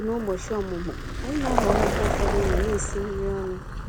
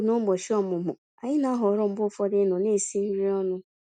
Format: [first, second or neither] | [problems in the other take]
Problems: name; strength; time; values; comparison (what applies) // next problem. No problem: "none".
second | background sound (Vehicle); 2 dB above the speech